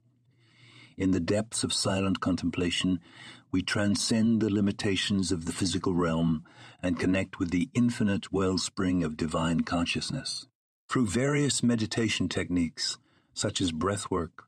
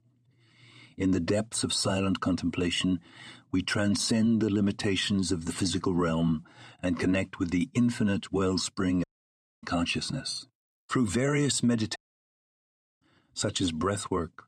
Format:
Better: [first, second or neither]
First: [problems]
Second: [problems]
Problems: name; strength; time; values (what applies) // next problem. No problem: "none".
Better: first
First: none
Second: audio cutting out; at 9 s for 0.5 s and at 12 s for 1 s